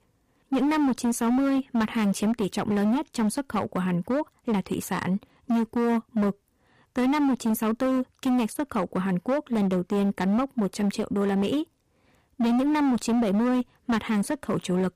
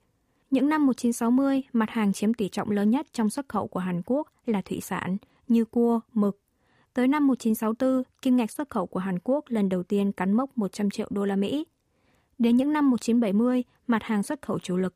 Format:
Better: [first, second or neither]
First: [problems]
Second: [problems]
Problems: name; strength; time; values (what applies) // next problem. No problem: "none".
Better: second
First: distortion; slight; 19% of the sound clipped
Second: none